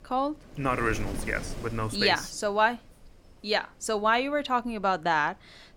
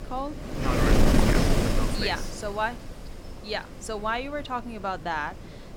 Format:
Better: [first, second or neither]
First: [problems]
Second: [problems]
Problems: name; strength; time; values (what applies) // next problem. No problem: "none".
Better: first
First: wind noise on the microphone; occasional gusts; 20 dB below the speech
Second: wind noise on the microphone; heavy; 2 dB above the speech